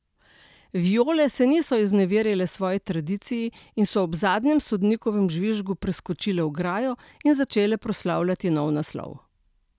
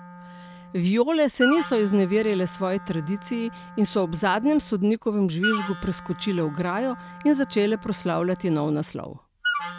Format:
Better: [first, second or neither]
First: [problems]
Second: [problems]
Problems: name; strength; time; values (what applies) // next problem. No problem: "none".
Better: first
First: none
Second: background sound (Wind instrument, woodwind instrument); 11 dB below the speech